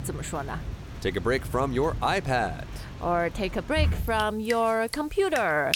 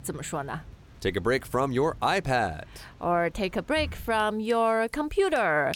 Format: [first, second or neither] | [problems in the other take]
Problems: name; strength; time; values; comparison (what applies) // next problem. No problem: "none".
second | rain or running water; loud; throughout; 9 dB below the speech; faint in the second